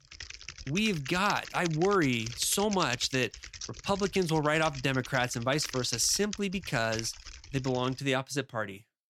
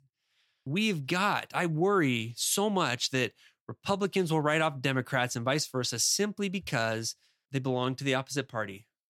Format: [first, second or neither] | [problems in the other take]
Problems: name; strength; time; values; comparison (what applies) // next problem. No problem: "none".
second | keyboard typing; noticeable; until 8 s; peak 7 dB below the speech